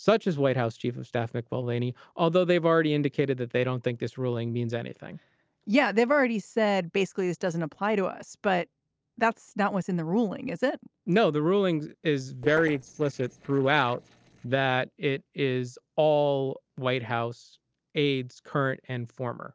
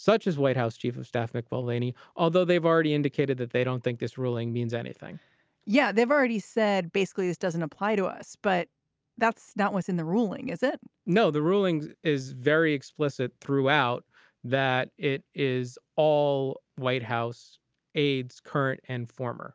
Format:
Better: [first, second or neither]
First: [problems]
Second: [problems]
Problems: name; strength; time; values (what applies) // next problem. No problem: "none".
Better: second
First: noise reduction (neural separator model SepFormer DNS4)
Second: none